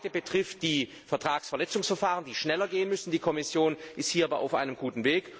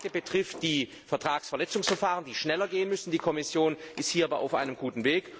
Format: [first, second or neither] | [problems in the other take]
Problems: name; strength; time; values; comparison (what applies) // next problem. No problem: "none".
first | background sound (Tools); 17 dB below the speech